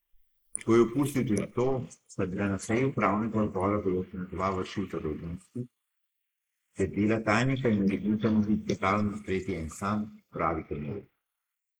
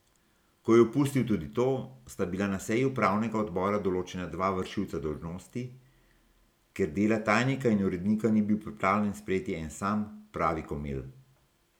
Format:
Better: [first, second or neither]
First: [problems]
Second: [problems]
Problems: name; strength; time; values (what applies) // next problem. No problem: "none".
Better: second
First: noise reduction (neural mask model Resemble Enhance denoiser)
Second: none